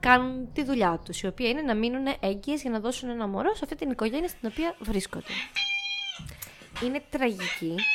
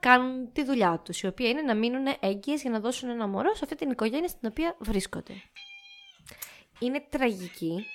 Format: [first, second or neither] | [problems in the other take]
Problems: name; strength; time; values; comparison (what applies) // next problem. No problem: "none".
second | animal sounds; loud; throughout; 3 dB below the speech; faint in the second